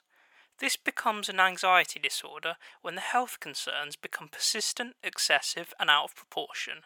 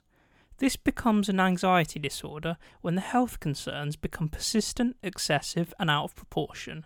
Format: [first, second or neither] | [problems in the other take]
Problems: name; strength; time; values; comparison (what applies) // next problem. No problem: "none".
second | thin; very; fading below 750 Hz